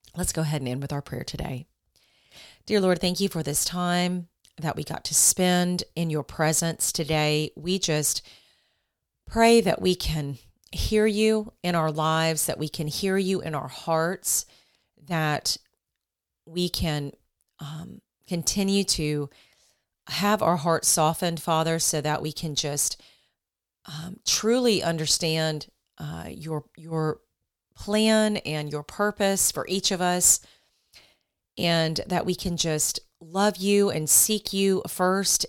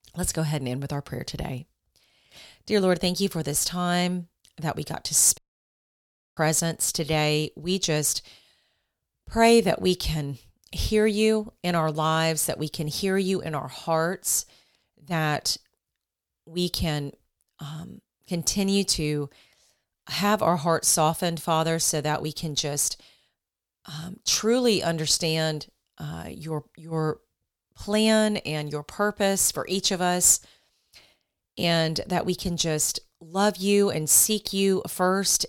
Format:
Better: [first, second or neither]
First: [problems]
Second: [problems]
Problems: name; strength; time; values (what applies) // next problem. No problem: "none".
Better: first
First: none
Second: audio cutting out; at 5.5 s for 1 s